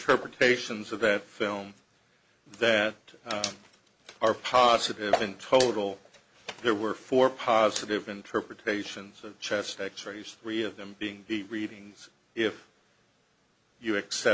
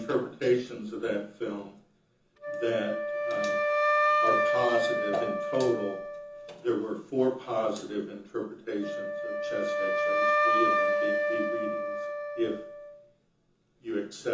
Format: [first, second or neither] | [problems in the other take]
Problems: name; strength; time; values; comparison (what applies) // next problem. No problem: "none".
first | background sound (Wind instrument, woodwind instrument); 2 dB above the speech // room echo; dies away in 0.6 s